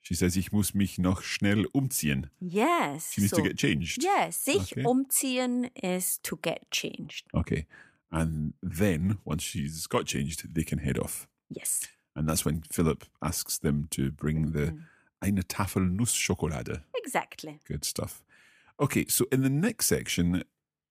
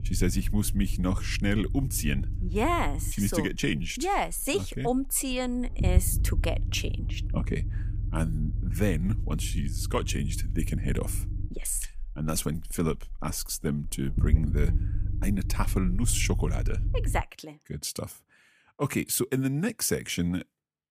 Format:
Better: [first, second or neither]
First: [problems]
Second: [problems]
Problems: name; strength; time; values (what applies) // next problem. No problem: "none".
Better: first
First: none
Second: low rumble; noticeable; until 17 s; 15 dB below the speech